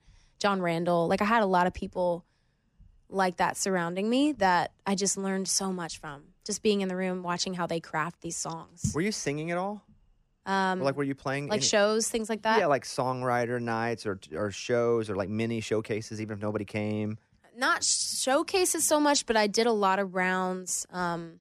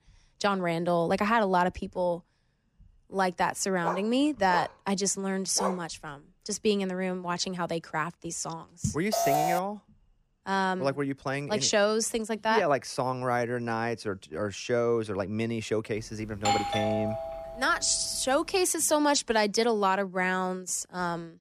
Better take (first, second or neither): first